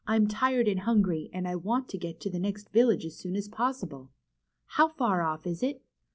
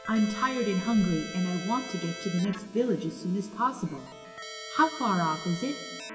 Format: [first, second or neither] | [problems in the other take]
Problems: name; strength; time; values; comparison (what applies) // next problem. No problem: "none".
first | background sound (Keyboard (musical)); 12 dB below the speech // room echo; dies away in 1 s